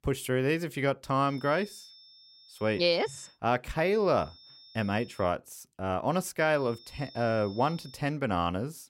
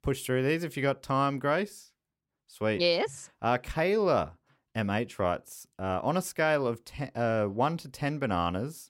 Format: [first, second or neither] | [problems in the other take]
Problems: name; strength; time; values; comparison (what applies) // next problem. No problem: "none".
second | high-pitched whine; faint; from 1.5 to 3.5 s, from 4 to 5.5 s and from 6.5 to 8 s; 5.5 kHz, 20 dB below the speech